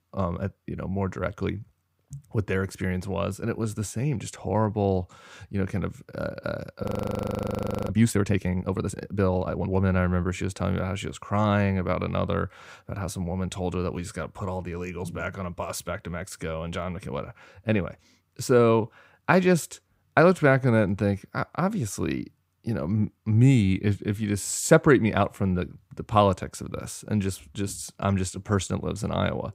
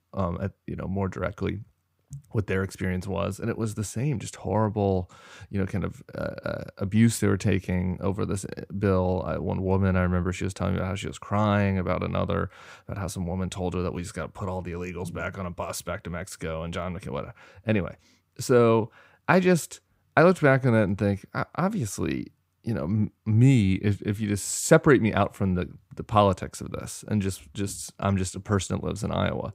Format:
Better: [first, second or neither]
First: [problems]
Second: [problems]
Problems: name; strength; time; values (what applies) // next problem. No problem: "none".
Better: second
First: audio freezing; at 7 s for 1 s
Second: none